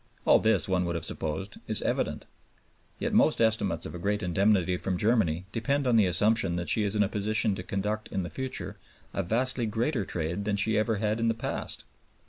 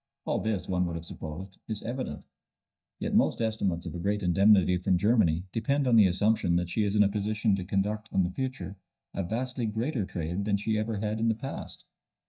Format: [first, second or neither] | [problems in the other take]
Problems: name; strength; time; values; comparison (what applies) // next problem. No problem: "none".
first | noise reduction (neural mask model DeepFilterNet 3)